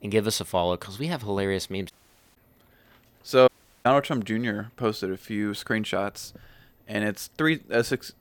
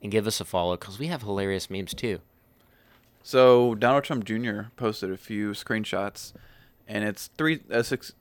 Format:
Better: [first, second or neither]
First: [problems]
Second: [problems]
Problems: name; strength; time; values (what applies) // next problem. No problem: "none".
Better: second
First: audio cutting out; at 2 s and at 3.5 s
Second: none